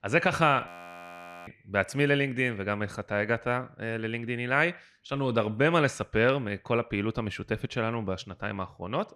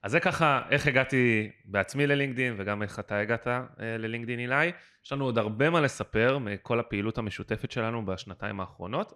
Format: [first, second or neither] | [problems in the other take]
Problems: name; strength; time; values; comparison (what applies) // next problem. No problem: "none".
second | audio freezing; at 0.5 s for 1 s